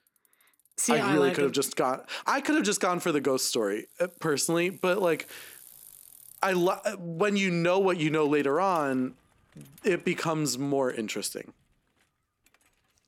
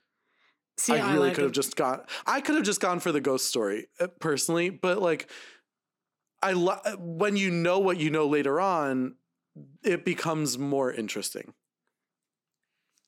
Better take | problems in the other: second | traffic noise; faint; throughout; 25 dB below the speech

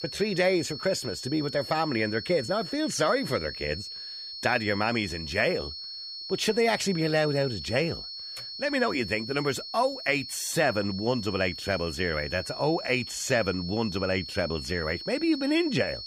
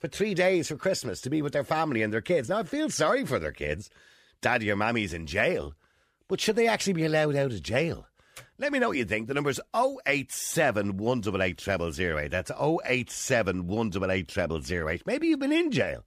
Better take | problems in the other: second | high-pitched whine; loud; throughout; 4.5 kHz, 9 dB below the speech

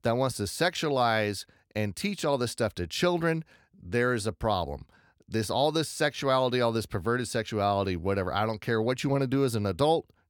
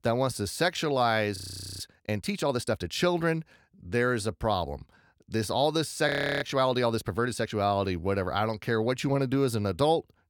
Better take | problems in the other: first | audio freezing; at 1.5 s and at 6 s

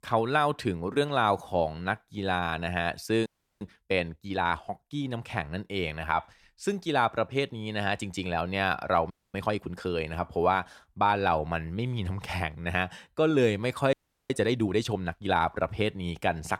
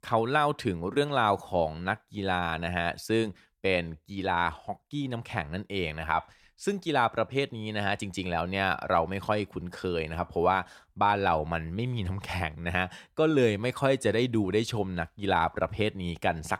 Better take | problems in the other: second | audio freezing; at 3.5 s, at 9 s and at 14 s

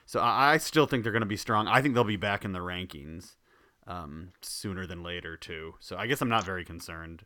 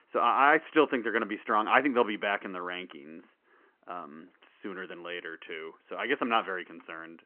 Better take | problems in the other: first | phone-call audio

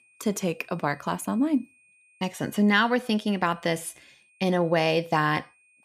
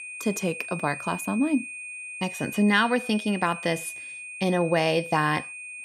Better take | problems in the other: first | high-pitched whine; loud; throughout; 2.5 kHz, 10 dB below the speech; faint in the first

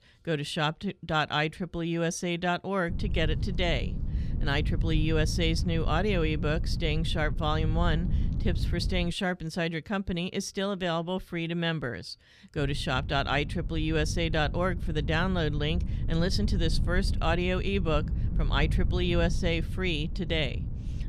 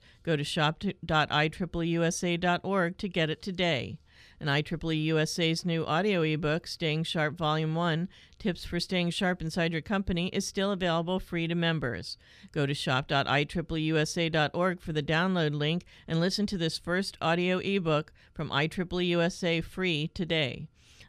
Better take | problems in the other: second | wind noise on the microphone; occasional gusts; from 3 to 9 s and from 13 s on; 15 dB below the speech

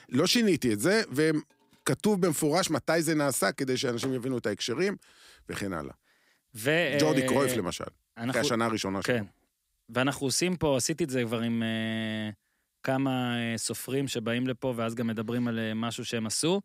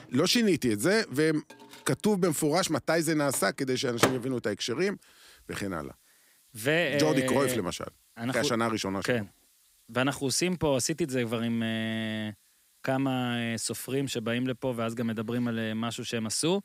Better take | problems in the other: first | household noises; loud; throughout; 4 dB below the speech; faint in the first

